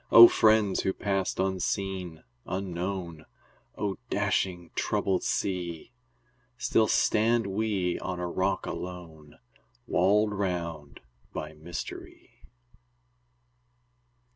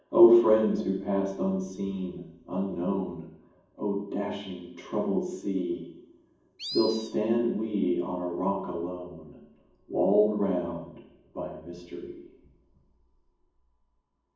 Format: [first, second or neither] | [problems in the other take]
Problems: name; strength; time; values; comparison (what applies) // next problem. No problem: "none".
first | background sound (Animal); 10 dB below the speech // room echo; dies away in 1.2 s